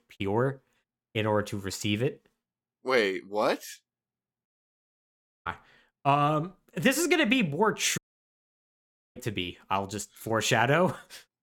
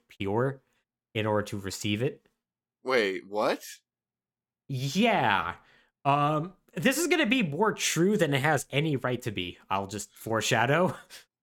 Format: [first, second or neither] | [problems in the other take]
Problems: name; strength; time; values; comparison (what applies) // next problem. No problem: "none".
second | audio cutting out; at 4.5 s for 1 s and at 8 s for 1 s